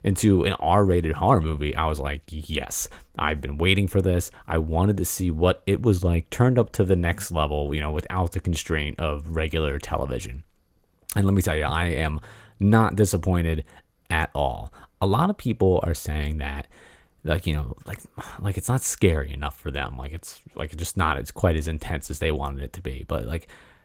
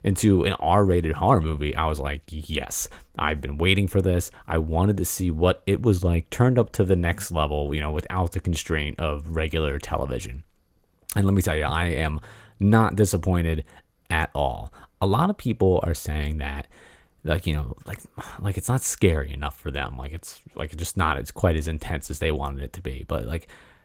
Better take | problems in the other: neither | garbled, watery; slightly; nothing above 16.5 kHz; the same in both

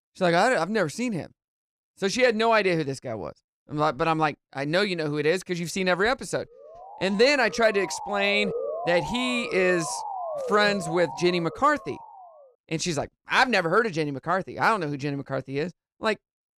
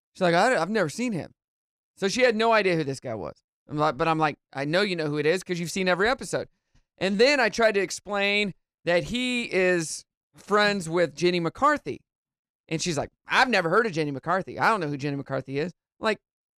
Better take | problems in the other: second | siren; noticeable; from 6.5 to 12 s; peak 6 dB below the speech

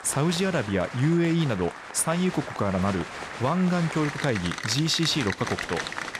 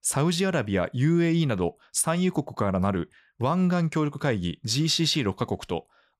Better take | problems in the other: second | crowd noise; loud; throughout; 9 dB below the speech

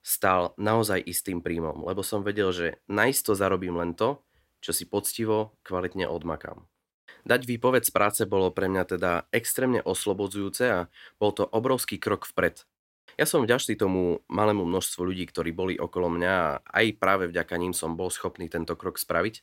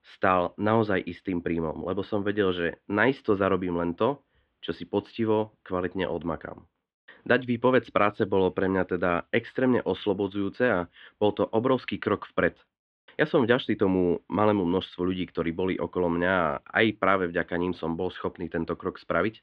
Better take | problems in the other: first | muffled; very; fading above 3.5 kHz

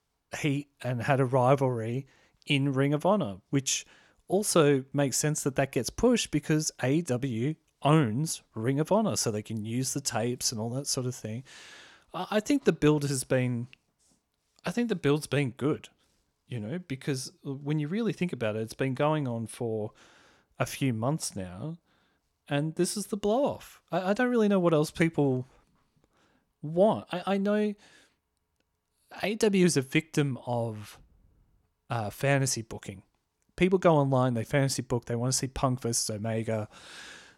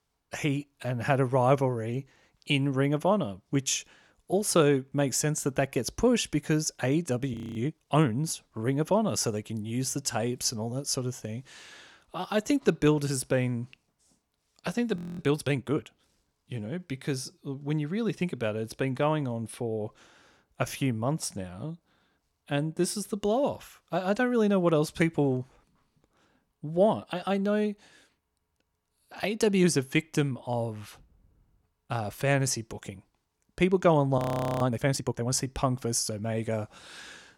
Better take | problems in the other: first | audio freezing; at 7.5 s, at 15 s and at 34 s

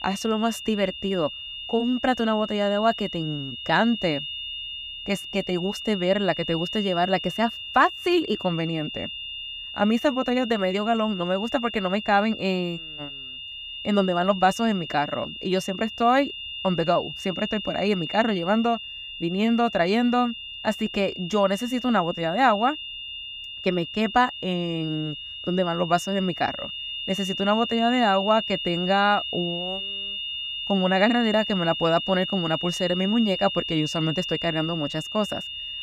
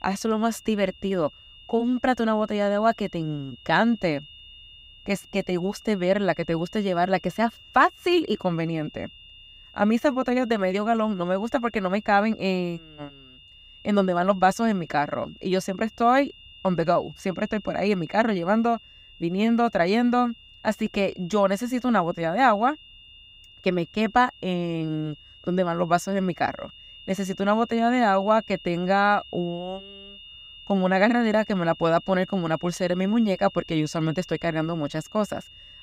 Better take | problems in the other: second | high-pitched whine; loud; throughout; 3 kHz, 7 dB below the speech; faint in the second

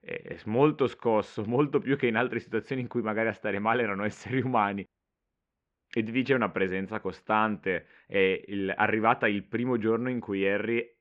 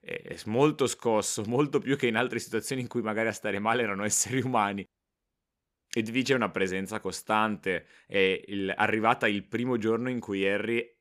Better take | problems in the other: second | muffled; very; fading above 2.5 kHz

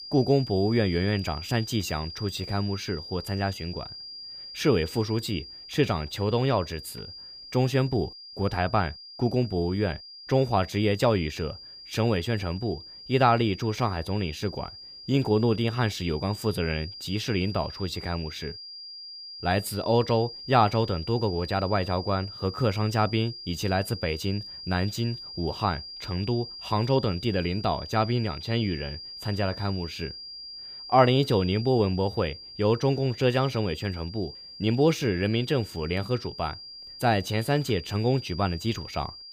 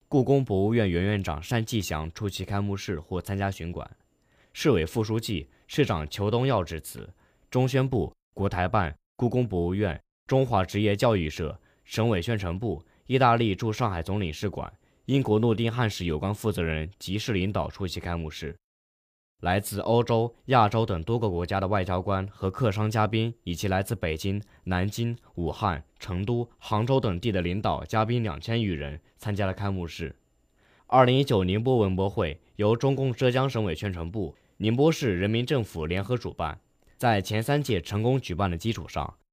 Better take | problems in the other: second | high-pitched whine; noticeable; throughout; 5 kHz, 10 dB below the speech

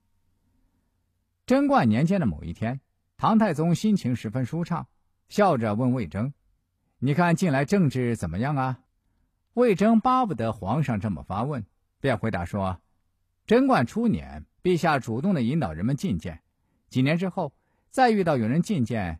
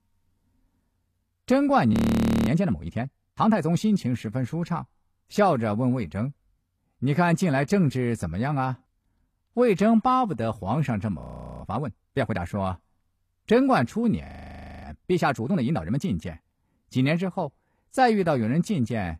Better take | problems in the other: first | audio freezing; at 2 s for 0.5 s, at 11 s and at 14 s for 0.5 s

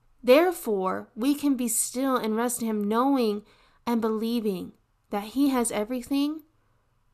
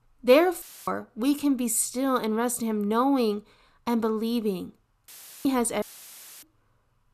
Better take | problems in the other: first | audio cutting out; filled with static; at 0.5 s, at 5 s and at 6 s for 0.5 s

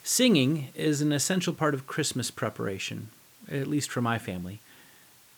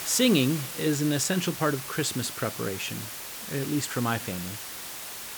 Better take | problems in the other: first | hiss; loud; throughout; 8 dB below the speech; faint in the first

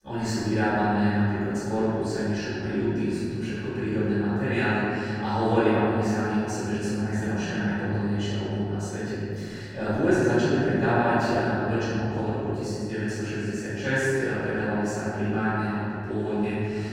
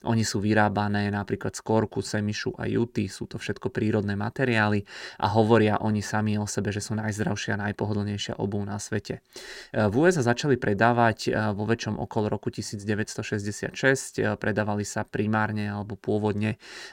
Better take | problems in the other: second | room echo; strong; dies away in 2.6 s // off-mic speech; far

